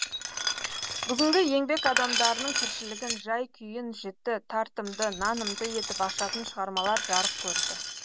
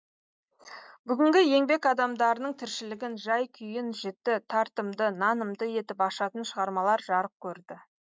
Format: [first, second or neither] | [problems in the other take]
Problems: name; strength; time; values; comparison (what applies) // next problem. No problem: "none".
second | background sound (Glass); 2 dB below the speech